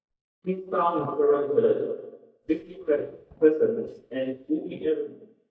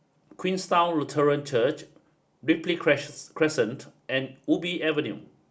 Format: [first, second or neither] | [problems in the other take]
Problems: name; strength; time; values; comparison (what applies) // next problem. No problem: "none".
second | noise reduction (neural mask model DeepFilterNet 3)